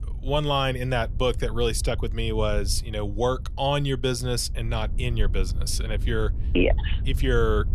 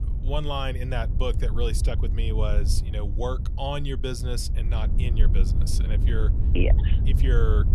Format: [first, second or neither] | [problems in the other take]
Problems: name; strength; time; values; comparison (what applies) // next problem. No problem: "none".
first | wind noise on the microphone; heavy; 9 dB below the speech; occasional gusts in the first